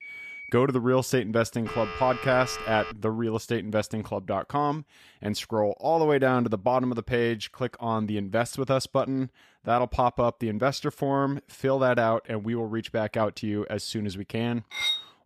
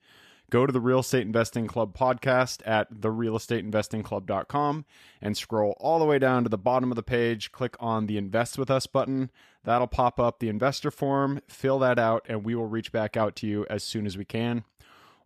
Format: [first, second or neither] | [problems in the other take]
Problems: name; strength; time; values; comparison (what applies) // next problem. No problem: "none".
second | phone ringing; faint; at the start; peak 10 dB below the speech // phone ringing; noticeable; from 1.5 to 3 s; peak 8 dB below the speech // clattering dishes; loud; at 15 s; peak 1 dB above the speech